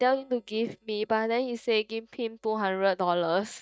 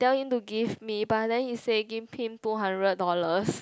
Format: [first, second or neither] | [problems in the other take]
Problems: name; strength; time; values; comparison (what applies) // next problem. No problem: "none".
second | noise reduction (neural mask model DeepFilterNet 3)